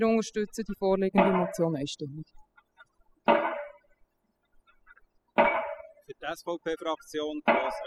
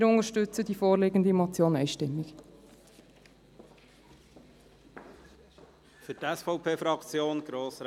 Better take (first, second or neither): second